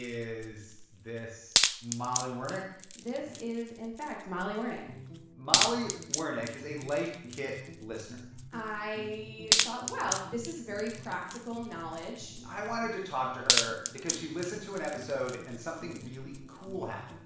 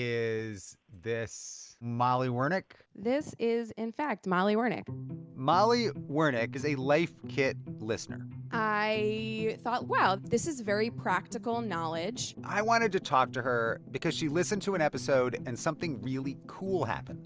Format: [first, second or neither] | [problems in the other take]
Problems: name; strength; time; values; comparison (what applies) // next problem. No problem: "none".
second | background sound (Wood); 1 dB above the speech // room echo; dies away in 0.7 s